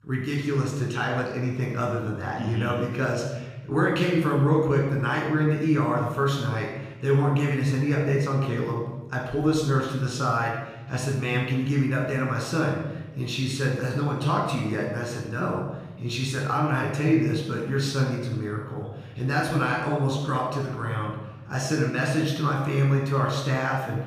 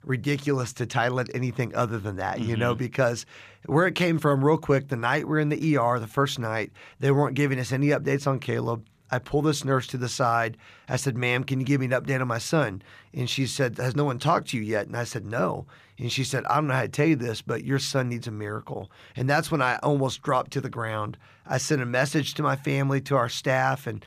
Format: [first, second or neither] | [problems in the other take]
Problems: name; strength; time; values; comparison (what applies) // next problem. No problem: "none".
second | off-mic speech; far // room echo; noticeable; dies away in 1 s